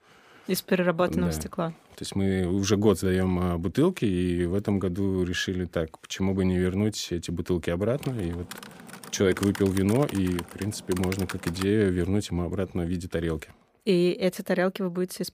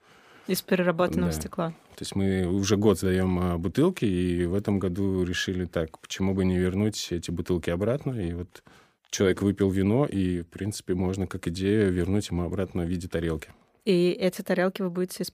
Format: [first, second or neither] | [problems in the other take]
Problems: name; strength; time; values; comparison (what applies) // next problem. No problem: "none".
second | keyboard typing; noticeable; from 8 to 12 s; peak 10 dB below the speech